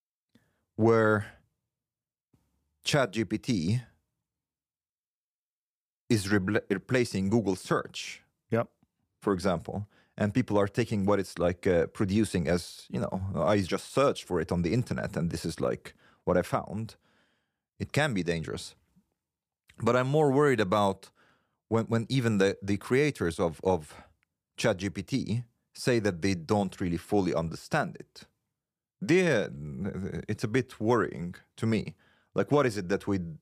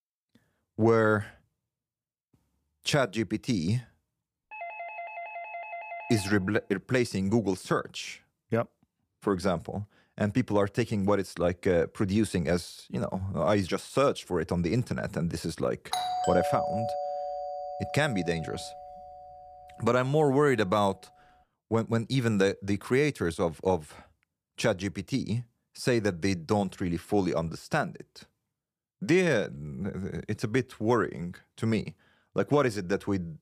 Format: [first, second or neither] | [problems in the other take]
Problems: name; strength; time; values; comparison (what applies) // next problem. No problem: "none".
first | doorbell; noticeable; from 4.5 to 6.5 s and from 16 to 19 s; peak 1 dB below the speech